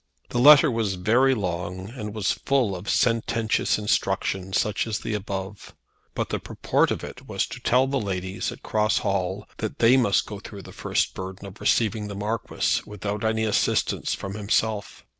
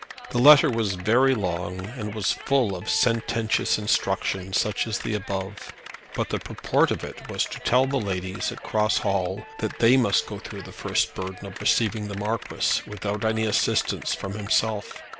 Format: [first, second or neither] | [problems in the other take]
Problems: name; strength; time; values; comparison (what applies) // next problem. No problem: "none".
first | background sound (Clapping); 16 dB below the speech